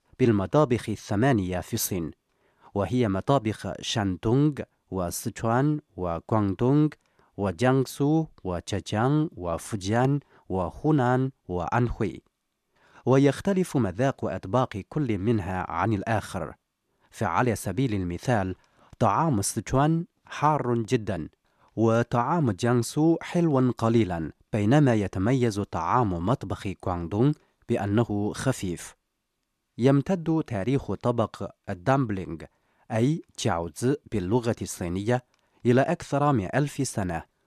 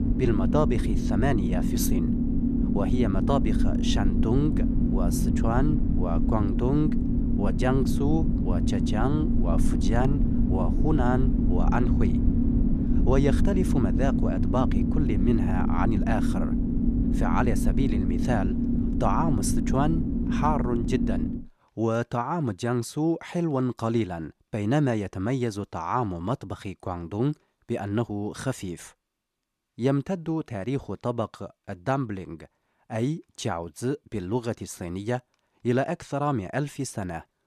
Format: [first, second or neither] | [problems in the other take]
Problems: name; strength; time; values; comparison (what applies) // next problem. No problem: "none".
first | low rumble; loud; until 21 s; 2 dB below the speech